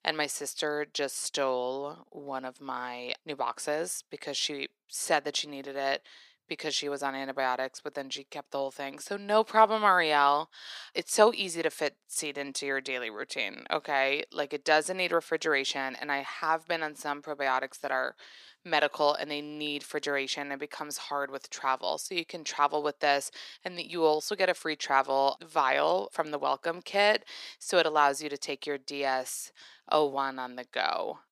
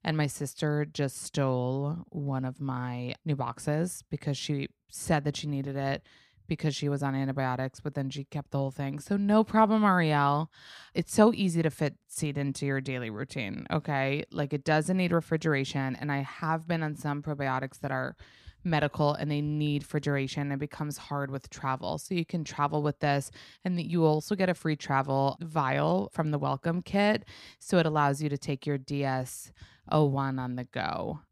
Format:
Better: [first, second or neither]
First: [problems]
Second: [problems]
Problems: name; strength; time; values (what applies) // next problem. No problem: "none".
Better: second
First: thin; very; fading below 400 Hz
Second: none